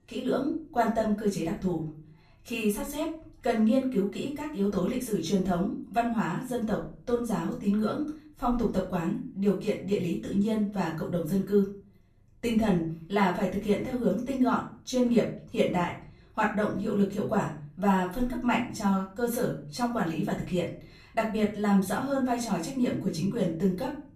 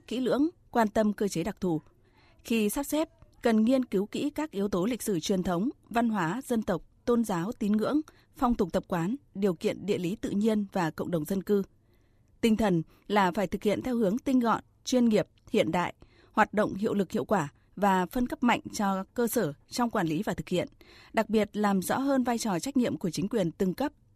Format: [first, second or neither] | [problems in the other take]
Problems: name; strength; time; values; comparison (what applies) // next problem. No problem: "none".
second | off-mic speech; far // room echo; slight; dies away in 0.4 s